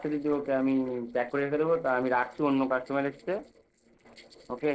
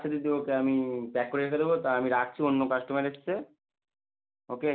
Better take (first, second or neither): second